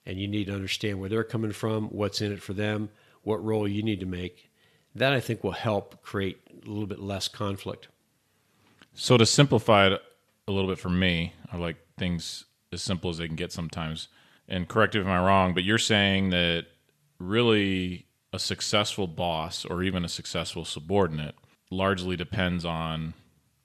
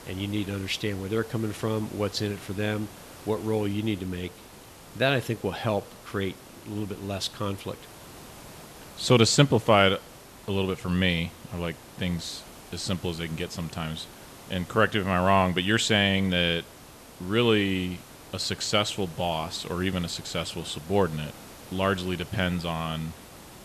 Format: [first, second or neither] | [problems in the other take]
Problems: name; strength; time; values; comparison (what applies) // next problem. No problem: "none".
first | hiss; noticeable; throughout; 20 dB below the speech